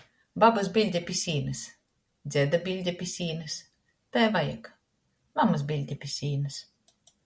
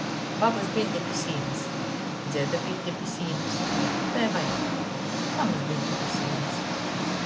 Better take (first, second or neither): first